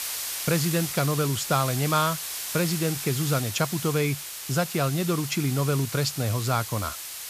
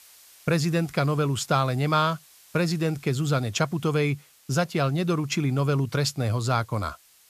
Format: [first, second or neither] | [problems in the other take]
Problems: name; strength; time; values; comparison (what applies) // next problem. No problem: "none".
second | hiss; loud; throughout; 5 dB below the speech; faint in the second